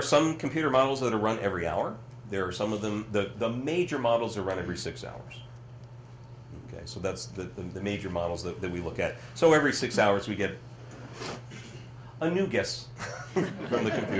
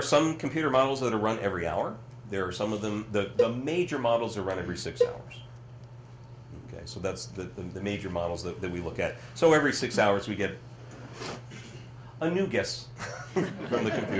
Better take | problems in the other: first | background sound (Cowbell); 3 dB below the speech

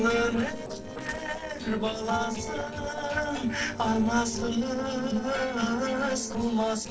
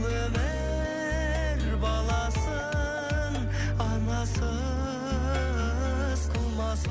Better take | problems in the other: second | noise reduction (neural separator model SepFormer DNS4)

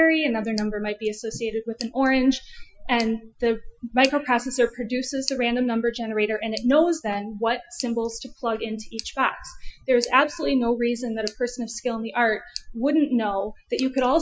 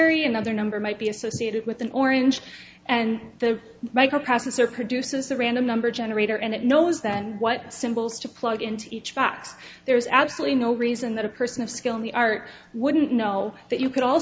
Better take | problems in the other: second | noise reduction (classical method Wiener filter)

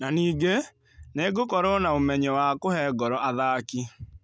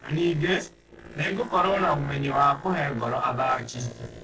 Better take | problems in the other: first | noise reduction (neural separator model SepFormer DNS4)

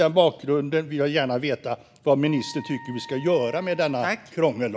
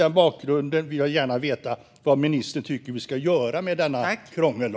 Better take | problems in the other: second | background sound (Wind instrument, woodwind instrument); 19 dB below the speech

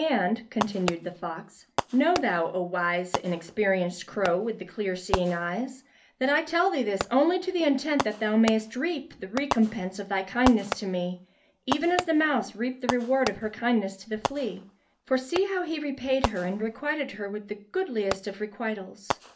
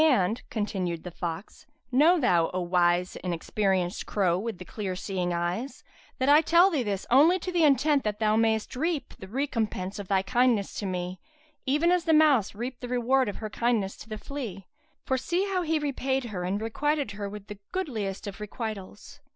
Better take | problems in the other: second | background sound (Fireworks); 9 dB below the speech // room echo; dies away in 0.3 s

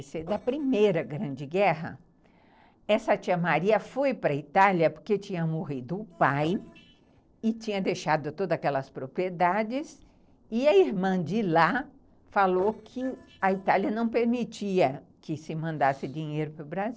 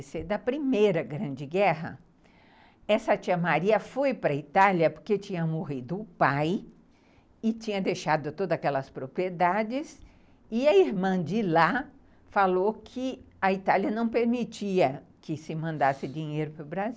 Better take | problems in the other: second | noise reduction (neural separator model SepFormer DNS4)

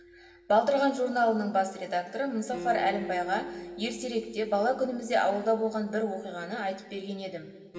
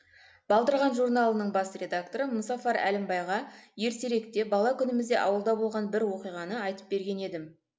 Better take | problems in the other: second | background sound (Acoustic guitar); 16 dB below the speech // room echo; dies away in 1.9 s

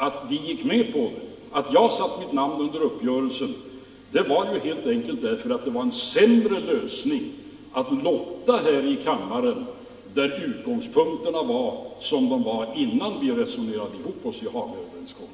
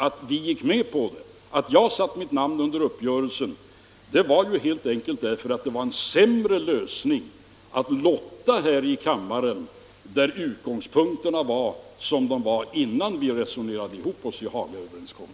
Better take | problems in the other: second | room echo; dies away in 1.7 s

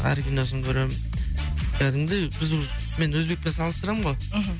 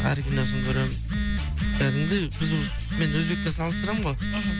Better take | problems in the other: first | background sound (Telephone); 4 dB below the speech

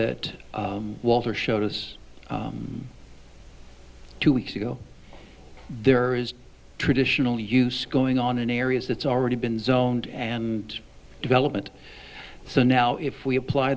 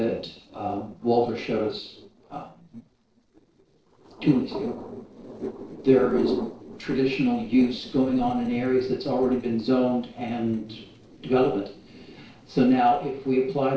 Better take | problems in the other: first | noise reduction (neural separator model SepFormer DNS4)

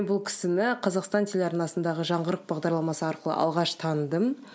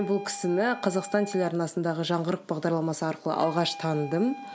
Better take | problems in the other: first | background sound (Wind instrument, woodwind instrument); 16 dB below the speech

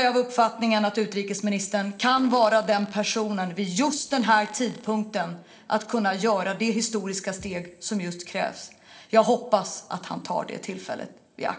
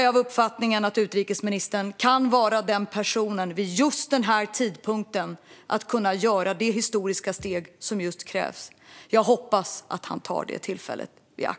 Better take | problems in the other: second | noise reduction (neural separator model SepFormer DNS4)

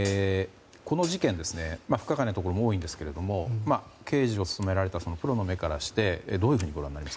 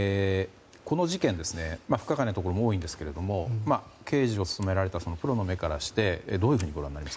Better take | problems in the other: second | background sound (Hi-hat); 15 dB below the speech

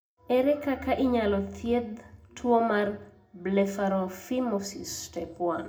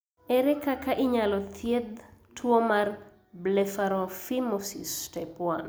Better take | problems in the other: second | room echo; dies away in 0.2 s

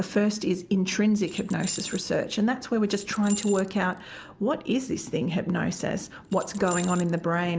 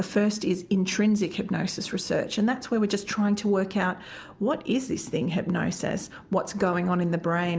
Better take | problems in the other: second | background sound (Keys jangling); 14 dB below the speech

